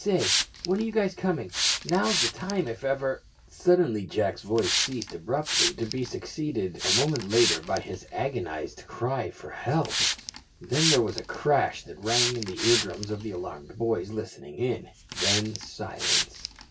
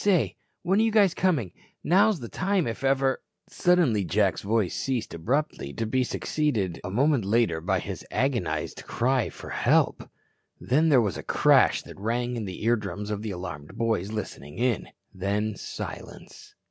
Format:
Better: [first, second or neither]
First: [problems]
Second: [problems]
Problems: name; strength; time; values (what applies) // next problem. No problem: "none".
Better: second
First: background sound (Hiss); 3 dB below the speech // room echo; dies away in 0.1 s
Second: none